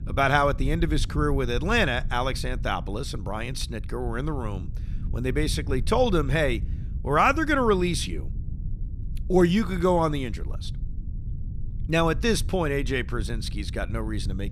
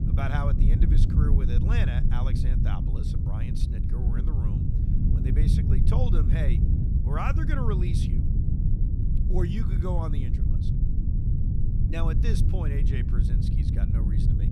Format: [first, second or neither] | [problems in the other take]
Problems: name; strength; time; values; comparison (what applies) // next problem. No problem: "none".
first | low rumble; loud; throughout; 1 dB below the speech; faint in the first